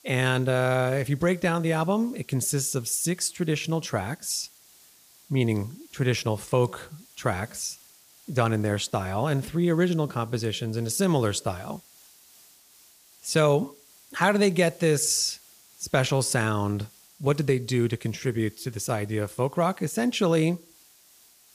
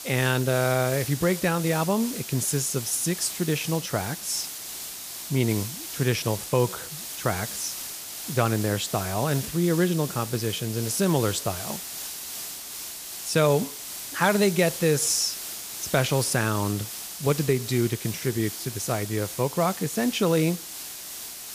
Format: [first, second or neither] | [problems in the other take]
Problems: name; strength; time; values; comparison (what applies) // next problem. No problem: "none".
first | hiss; loud; throughout; 8 dB below the speech; faint in the first